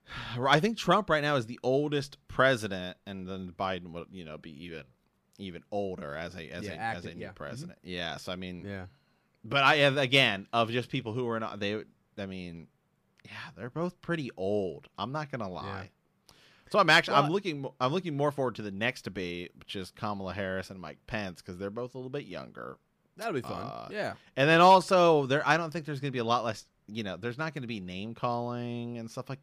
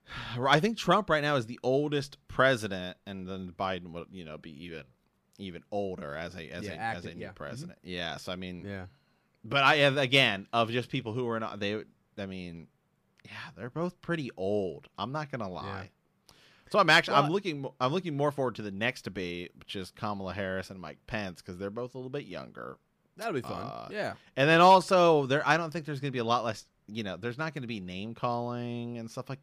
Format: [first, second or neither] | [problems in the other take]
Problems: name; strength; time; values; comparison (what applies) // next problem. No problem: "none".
neither | none